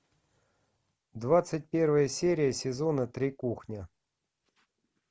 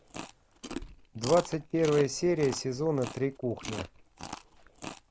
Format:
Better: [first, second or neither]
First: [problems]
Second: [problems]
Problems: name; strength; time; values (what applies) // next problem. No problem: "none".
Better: first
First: none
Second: background sound (Chewing, mastication); 12 dB below the speech